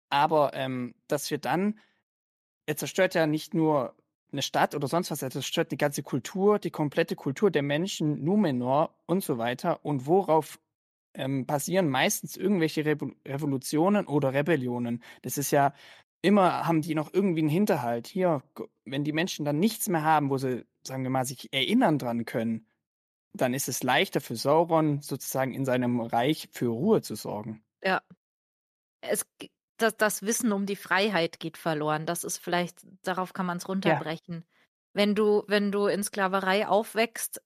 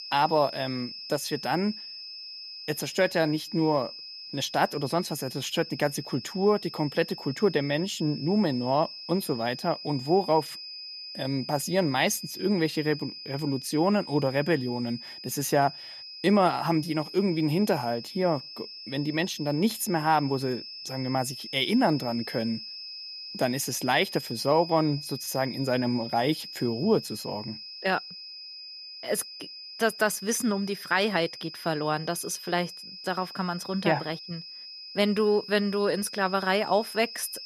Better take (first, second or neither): first